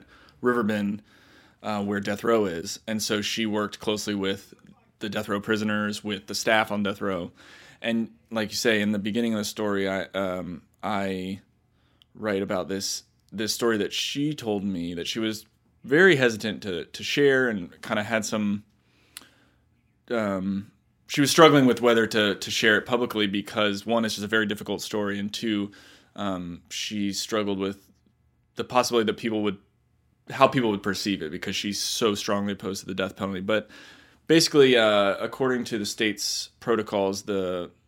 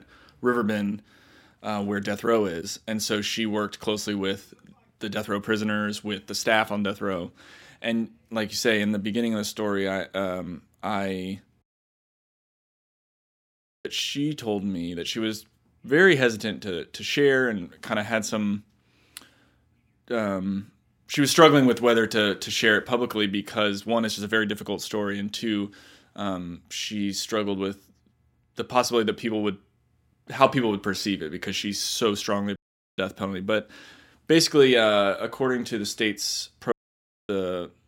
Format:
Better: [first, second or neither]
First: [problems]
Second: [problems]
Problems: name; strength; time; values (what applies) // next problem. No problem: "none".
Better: first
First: none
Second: audio cutting out; at 12 s for 2 s, at 33 s and at 37 s for 0.5 s